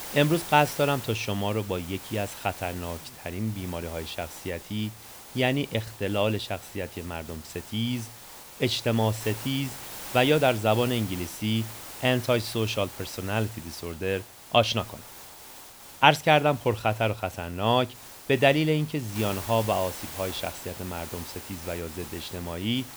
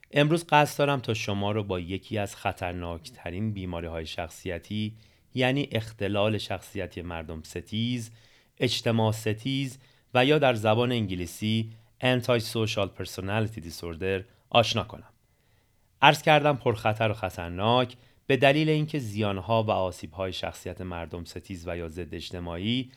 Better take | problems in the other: second | hiss; noticeable; throughout; 15 dB below the speech

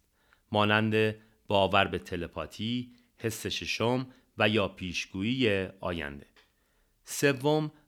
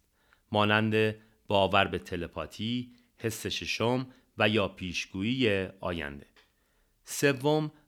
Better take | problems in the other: neither | none

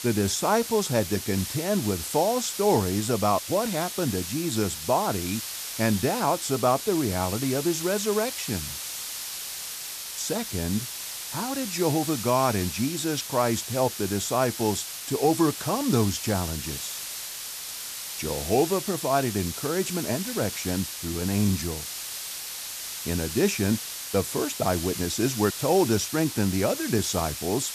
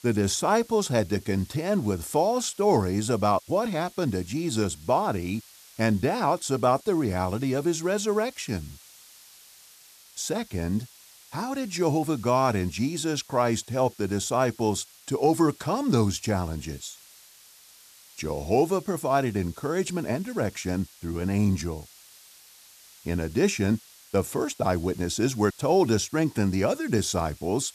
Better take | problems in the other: second | hiss; loud; throughout; 6 dB below the speech; faint in the second

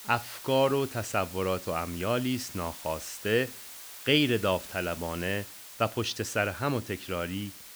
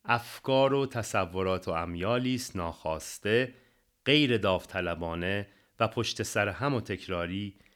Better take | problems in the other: second | hiss; noticeable; throughout; 15 dB below the speech

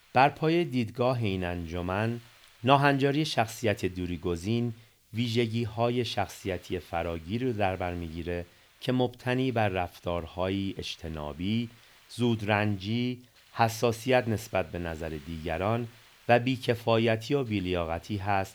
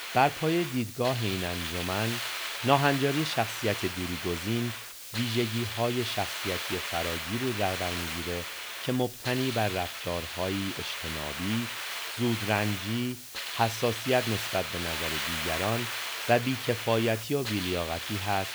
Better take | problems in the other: first | hiss; loud; throughout; 3 dB below the speech; faint in the first

